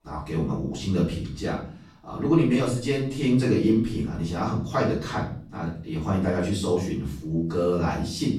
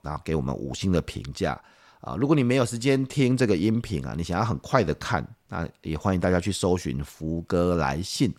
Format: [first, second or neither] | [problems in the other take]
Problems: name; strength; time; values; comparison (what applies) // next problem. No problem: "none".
second | off-mic speech; far // room echo; noticeable; dies away in 0.5 s